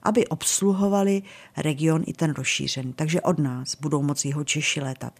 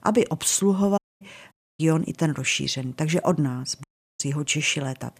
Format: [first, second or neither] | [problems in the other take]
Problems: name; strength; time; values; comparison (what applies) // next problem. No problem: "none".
first | audio cutting out; at 1 s, at 1.5 s and at 4 s